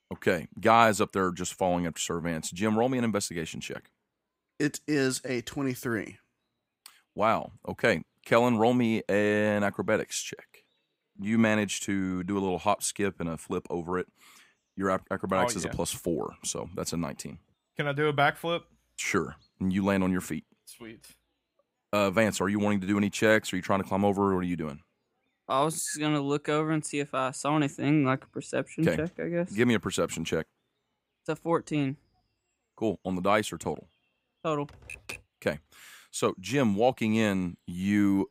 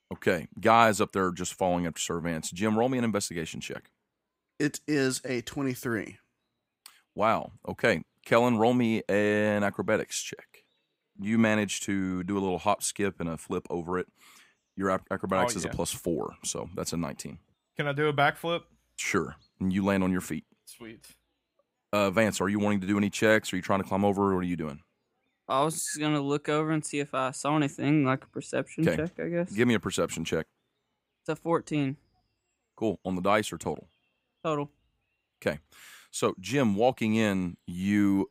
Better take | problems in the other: second | keyboard typing; faint; at 35 s; peak 10 dB below the speech

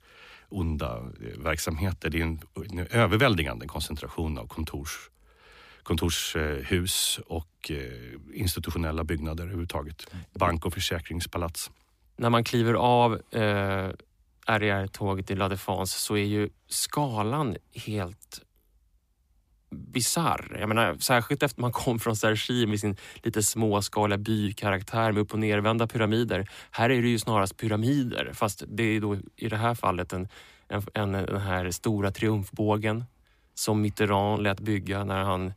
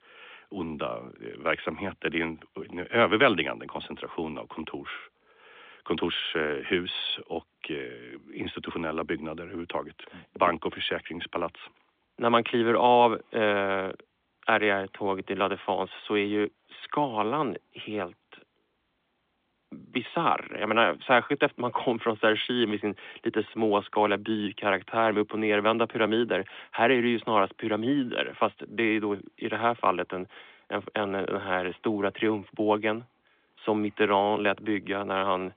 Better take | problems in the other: first | phone-call audio; nothing above 3.5 kHz

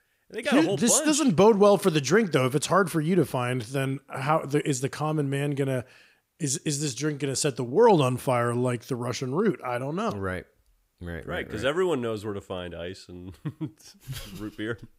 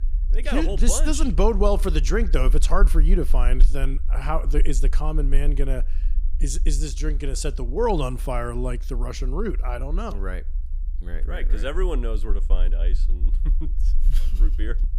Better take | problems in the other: first | low rumble; faint; throughout; 20 dB below the speech

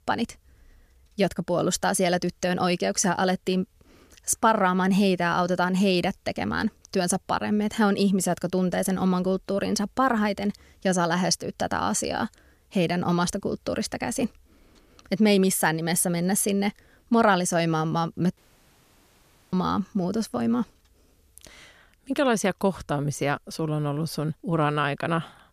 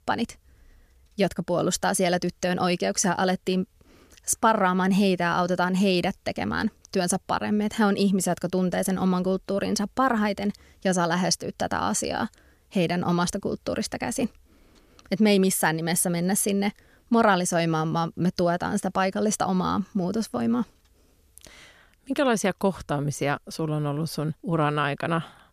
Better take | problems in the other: second | audio cutting out; at 18 s for 1 s

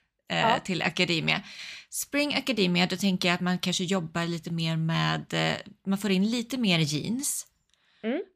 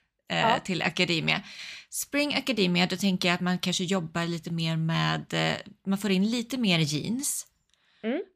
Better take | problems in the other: neither | none

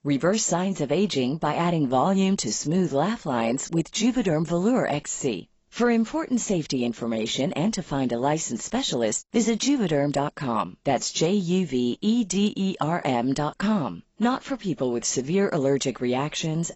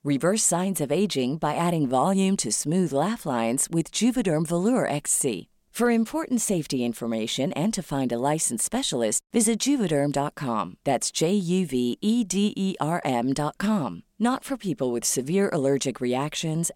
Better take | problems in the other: second | garbled, watery; badly; nothing above 7.5 kHz

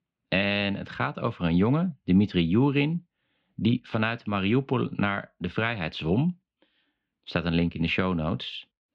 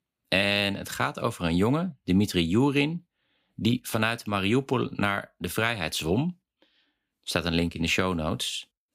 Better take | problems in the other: second | muffled; slightly; fading above 3.5 kHz

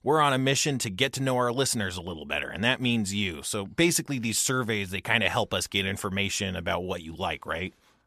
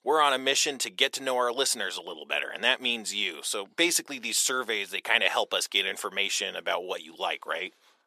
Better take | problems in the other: first | thin; somewhat; fading below 400 Hz

